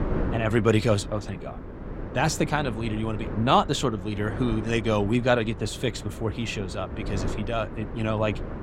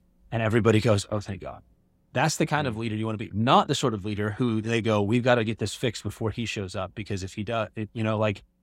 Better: second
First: wind noise on the microphone; occasional gusts; 15 dB below the speech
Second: none

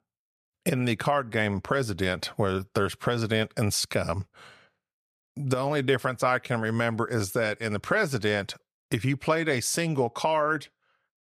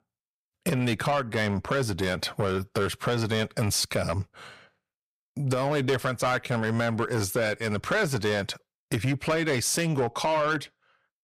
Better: first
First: none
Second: distortion; slight; 10 dB below the speech

